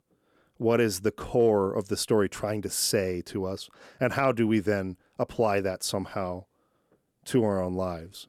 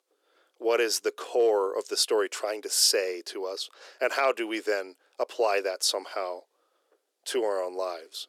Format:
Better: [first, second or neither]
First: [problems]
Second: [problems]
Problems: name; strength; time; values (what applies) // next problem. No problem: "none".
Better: first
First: none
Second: thin; very; fading below 350 Hz